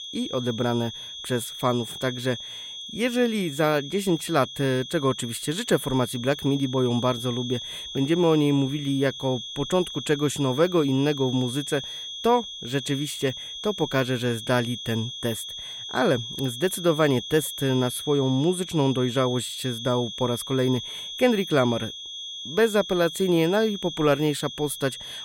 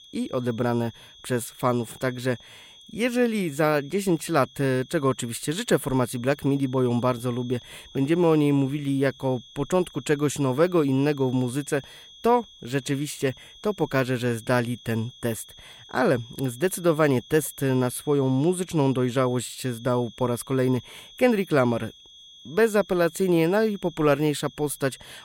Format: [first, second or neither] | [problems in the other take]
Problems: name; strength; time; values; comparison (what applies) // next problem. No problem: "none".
second | high-pitched whine; loud; throughout; 3.5 kHz, 9 dB below the speech; faint in the second